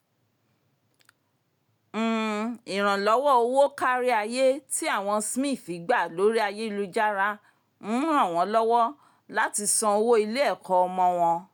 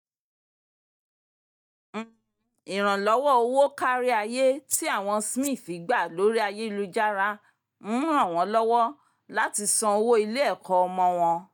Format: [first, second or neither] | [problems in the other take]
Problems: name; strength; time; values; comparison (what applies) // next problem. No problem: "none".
first | noise reduction (neural mask model DeepFilterNet 3)